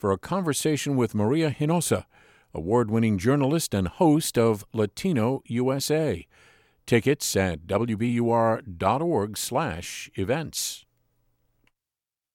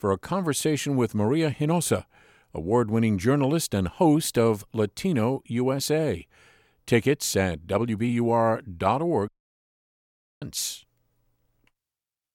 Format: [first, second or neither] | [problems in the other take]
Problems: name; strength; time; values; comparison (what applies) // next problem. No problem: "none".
first | audio cutting out; at 9.5 s for 1 s